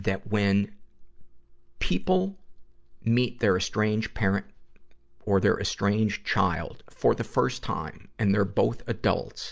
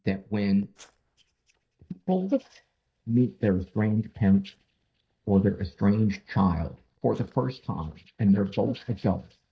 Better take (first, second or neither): first